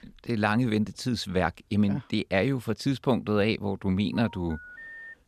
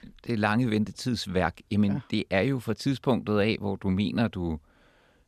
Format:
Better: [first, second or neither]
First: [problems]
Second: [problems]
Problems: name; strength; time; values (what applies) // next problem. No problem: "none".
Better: second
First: phone ringing; faint; from 4 s on; peak 15 dB below the speech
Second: none